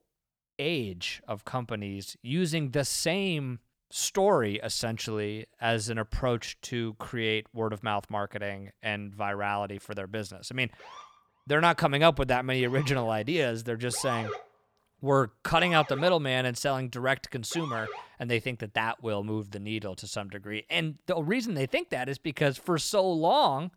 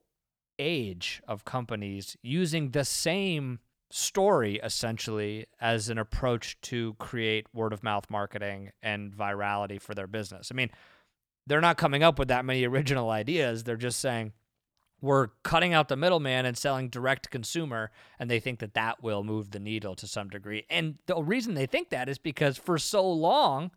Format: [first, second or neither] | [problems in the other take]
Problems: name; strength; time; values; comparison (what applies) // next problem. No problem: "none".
second | siren; noticeable; from 11 to 18 s; peak 6 dB below the speech